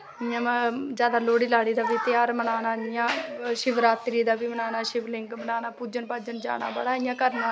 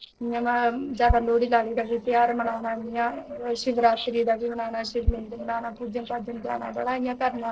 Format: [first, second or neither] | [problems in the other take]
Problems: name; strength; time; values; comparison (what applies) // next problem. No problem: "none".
first | noise reduction (neural separator model SepFormer DNS4)